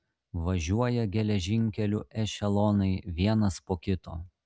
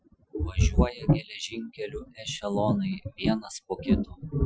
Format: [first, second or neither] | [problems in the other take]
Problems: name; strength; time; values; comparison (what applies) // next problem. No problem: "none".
first | noise reduction (classical method Wiener filter)